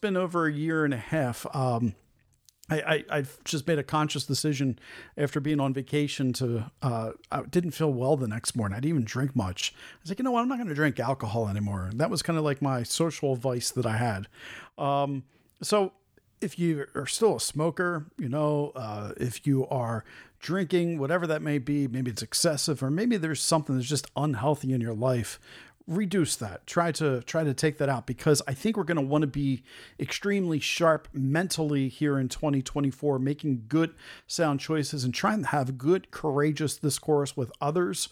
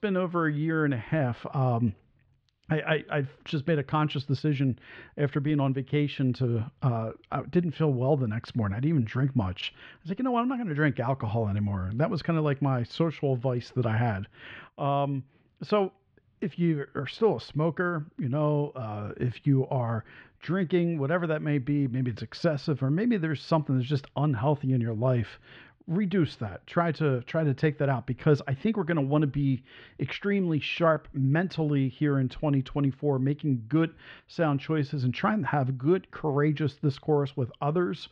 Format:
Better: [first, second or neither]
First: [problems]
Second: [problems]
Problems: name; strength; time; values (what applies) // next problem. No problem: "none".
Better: first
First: none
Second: muffled; slightly; fading above 3.5 kHz